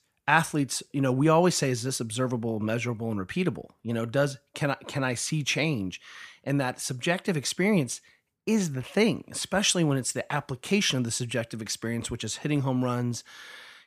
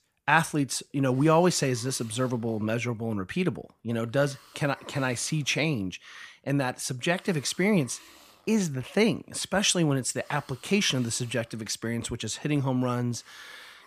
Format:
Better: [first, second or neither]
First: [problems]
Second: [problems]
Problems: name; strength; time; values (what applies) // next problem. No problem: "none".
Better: first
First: none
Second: hiss; faint; throughout; 25 dB below the speech